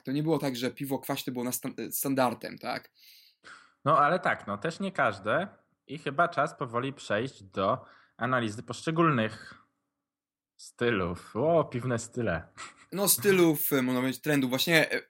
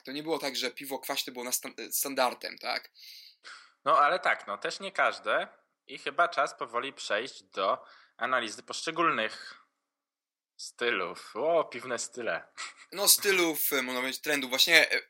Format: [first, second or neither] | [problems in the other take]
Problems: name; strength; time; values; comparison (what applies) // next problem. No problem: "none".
first | thin; somewhat; fading below 450 Hz